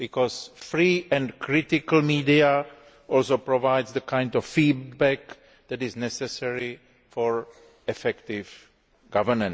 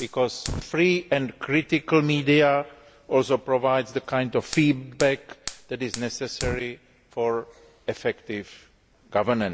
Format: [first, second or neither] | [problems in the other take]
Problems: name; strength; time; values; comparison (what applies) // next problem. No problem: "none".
first | background sound (Fire); 16 dB below the speech